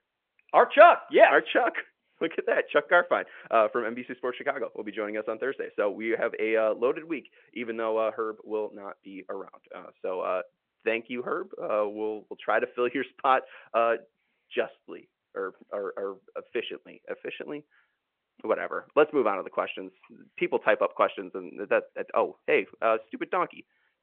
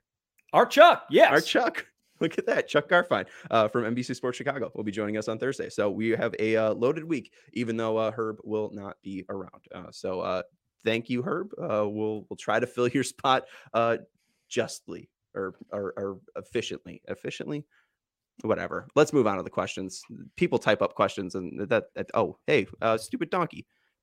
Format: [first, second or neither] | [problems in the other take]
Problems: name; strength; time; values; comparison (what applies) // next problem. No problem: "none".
second | phone-call audio